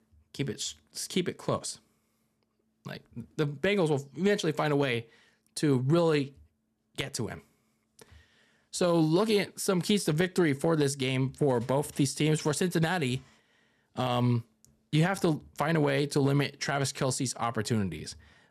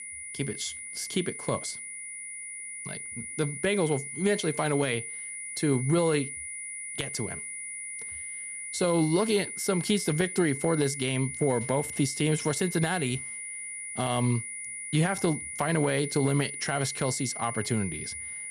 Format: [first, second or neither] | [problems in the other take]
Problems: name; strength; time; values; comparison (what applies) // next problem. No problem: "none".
first | high-pitched whine; loud; throughout; 9.5 kHz, 7 dB below the speech